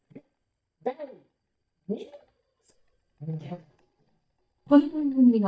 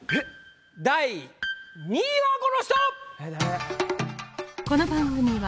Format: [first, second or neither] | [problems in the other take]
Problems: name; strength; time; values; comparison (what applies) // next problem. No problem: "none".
second | noise reduction (neural mask model DeepFilterNet 3)